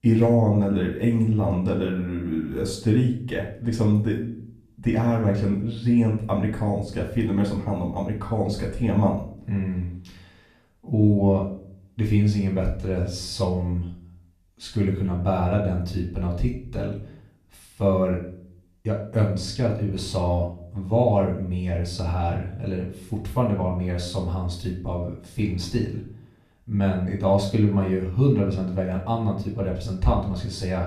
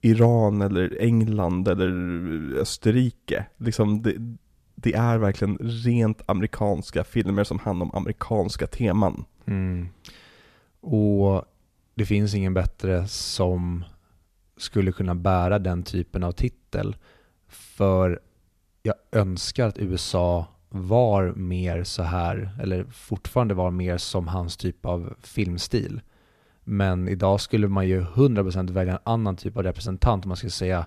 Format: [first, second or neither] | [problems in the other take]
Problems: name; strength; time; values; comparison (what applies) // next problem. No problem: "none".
second | off-mic speech; far // room echo; slight; dies away in 0.5 s